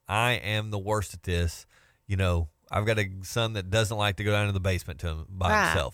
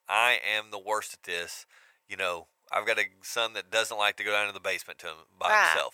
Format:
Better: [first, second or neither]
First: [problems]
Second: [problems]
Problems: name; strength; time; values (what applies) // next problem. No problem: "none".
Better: first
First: none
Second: thin; very; fading below 700 Hz